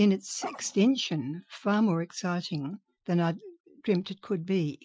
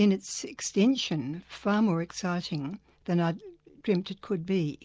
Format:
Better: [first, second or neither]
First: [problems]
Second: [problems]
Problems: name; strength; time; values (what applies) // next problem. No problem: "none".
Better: second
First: noise reduction (classical method Wiener filter)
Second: none